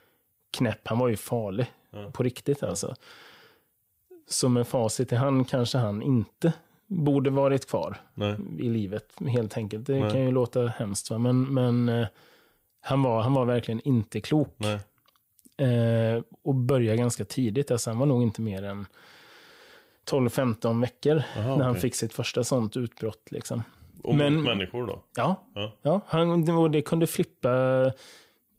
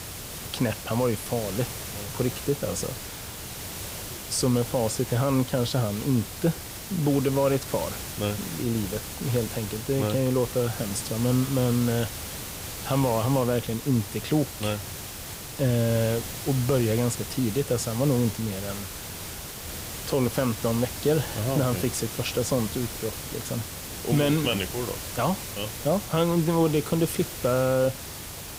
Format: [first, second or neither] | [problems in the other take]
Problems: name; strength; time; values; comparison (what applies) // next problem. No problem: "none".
first | hiss; loud; throughout; 8 dB below the speech